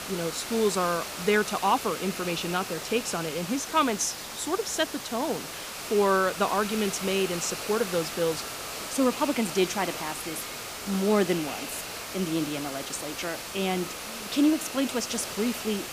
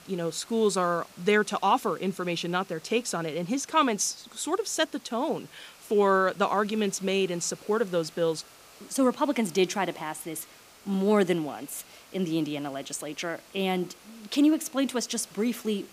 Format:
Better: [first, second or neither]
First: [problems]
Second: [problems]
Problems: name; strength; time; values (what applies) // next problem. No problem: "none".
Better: second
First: hiss; loud; throughout; 7 dB below the speech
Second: hiss; faint; throughout; 25 dB below the speech